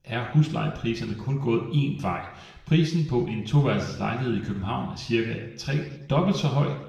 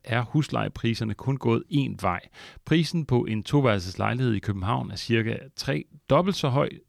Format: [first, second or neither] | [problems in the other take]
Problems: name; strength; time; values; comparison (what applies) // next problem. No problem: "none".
second | room echo; noticeable; dies away in 0.8 s // off-mic speech; far